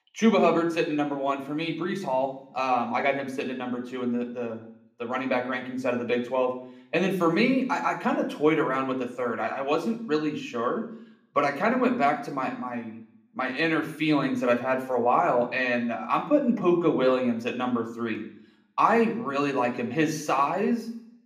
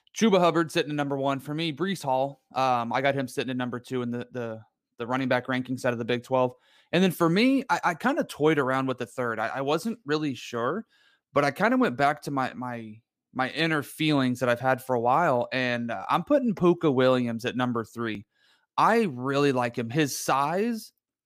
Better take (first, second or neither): second